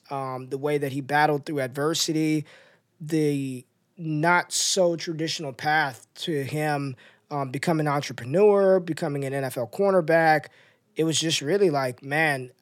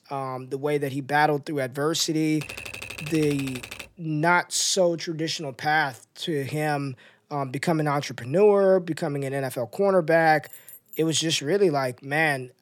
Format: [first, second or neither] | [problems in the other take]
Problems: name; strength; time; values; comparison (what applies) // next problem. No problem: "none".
first | keyboard typing; faint; from 2.5 to 4 s; peak 10 dB below the speech // jangling keys; faint; at 10 s; peak 20 dB below the speech